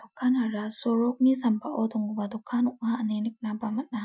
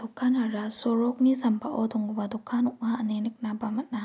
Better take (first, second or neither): second